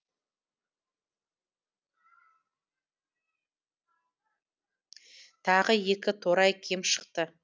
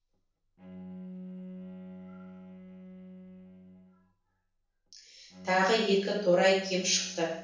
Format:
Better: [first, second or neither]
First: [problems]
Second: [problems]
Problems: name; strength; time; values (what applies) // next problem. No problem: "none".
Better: first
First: none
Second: background sound (Bowed string instrument); 14 dB below the speech // room echo; dies away in 0.7 s